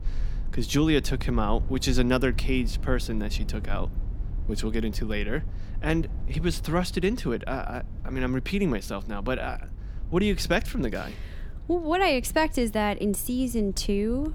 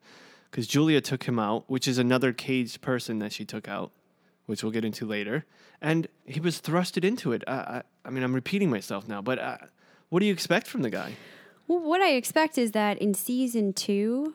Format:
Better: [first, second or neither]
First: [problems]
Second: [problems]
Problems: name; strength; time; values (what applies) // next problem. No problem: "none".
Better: second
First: low rumble; faint; throughout; 20 dB below the speech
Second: none